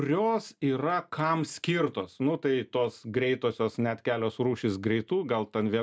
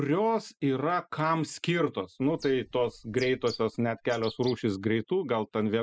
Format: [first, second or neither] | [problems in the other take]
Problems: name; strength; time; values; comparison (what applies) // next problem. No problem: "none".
first | noise reduction (classical method spectral subtraction)